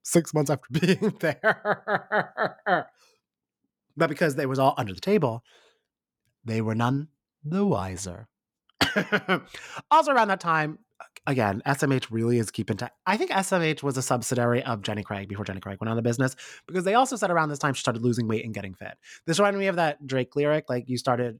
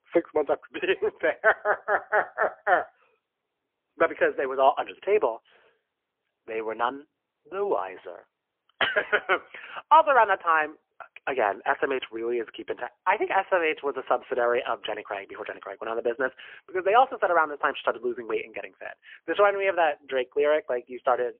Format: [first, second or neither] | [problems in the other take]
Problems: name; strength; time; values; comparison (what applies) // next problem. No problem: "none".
first | phone-call audio; poor line; nothing above 3 kHz